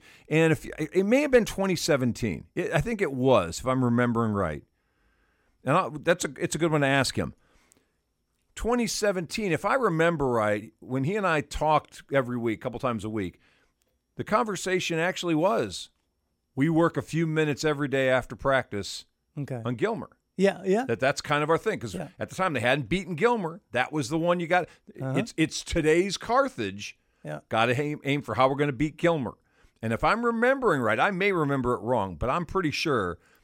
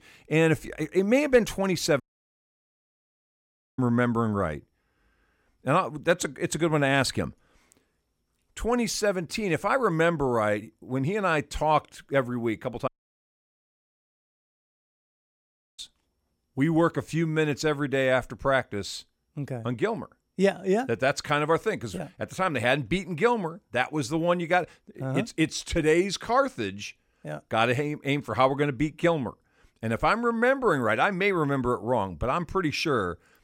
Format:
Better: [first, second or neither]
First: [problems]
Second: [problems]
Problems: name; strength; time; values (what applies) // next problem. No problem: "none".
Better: first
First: none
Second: audio cutting out; at 2 s for 2 s and at 13 s for 3 s